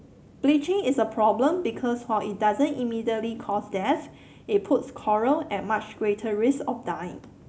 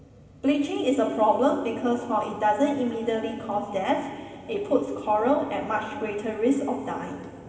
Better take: first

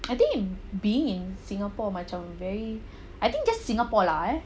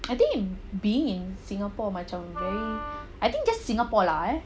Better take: first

